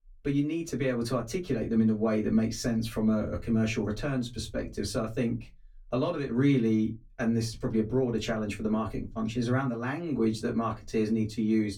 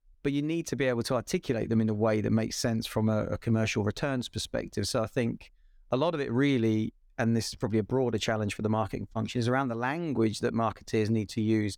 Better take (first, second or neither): second